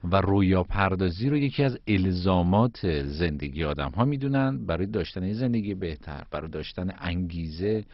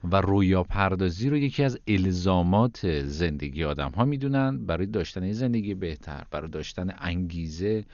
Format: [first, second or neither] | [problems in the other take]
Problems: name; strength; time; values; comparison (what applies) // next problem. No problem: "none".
second | garbled, watery; badly; nothing above 5.5 kHz; slightly in the second